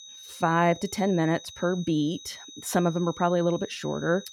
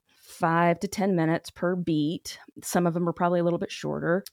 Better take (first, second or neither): second